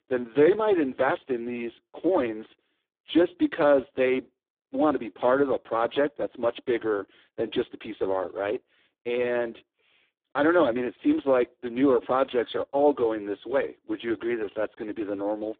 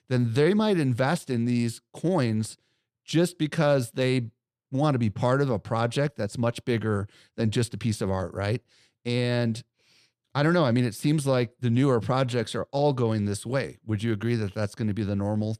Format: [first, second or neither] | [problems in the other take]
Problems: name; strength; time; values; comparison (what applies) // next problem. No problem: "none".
second | phone-call audio; poor line